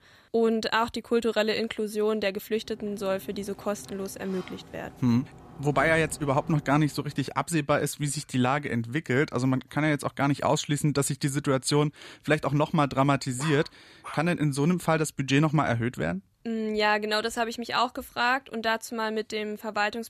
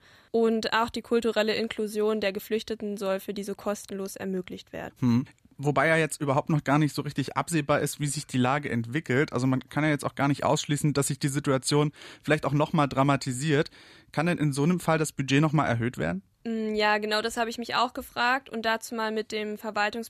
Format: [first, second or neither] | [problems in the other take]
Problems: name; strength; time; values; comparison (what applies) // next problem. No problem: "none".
second | door banging; faint; from 2.5 to 7 s; peak 10 dB below the speech // dog barking; faint; at 13 s; peak 10 dB below the speech